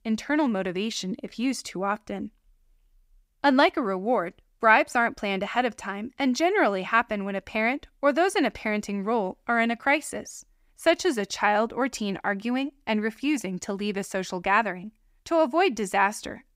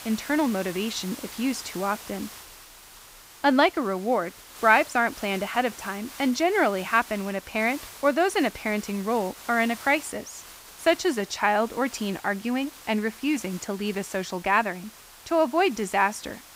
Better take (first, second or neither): first